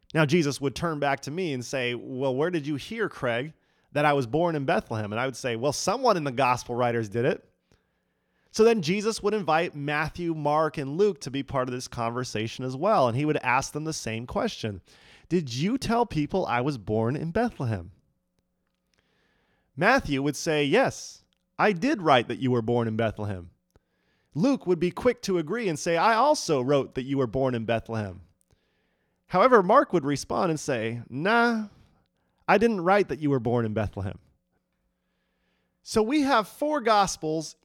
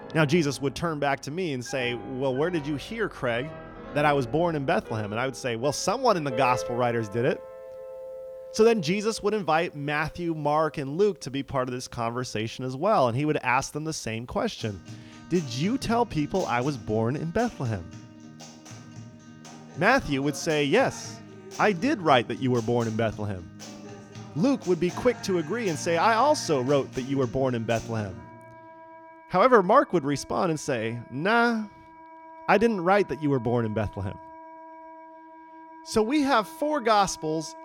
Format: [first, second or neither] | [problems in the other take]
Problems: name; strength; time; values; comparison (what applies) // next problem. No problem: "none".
first | background music; noticeable; throughout; 15 dB below the speech